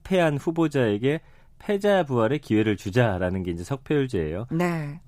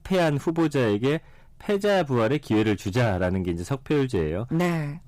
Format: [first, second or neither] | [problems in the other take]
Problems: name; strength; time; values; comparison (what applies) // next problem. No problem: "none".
first | distortion; slight; 11% of the sound clipped